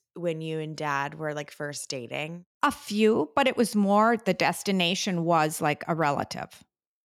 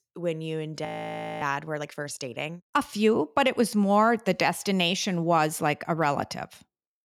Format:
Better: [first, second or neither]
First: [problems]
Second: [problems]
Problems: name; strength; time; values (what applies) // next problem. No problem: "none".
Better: first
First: none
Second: audio freezing; at 1 s for 0.5 s